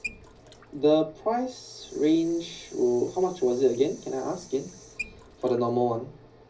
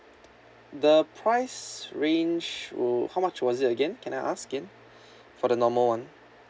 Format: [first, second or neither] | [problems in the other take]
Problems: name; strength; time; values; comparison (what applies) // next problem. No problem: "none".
second | background sound (Sink (filling or washing) / Water tap, faucet); 19 dB below the speech // room echo; dies away in 0.5 s